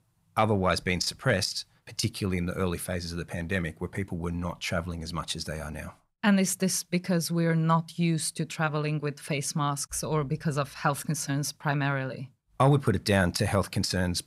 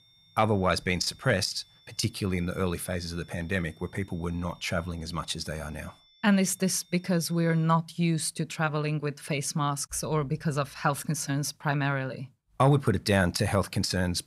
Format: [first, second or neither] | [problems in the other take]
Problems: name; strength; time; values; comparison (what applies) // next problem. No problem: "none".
first | high-pitched whine; faint; until 7.5 s; 3.5 kHz, 30 dB below the speech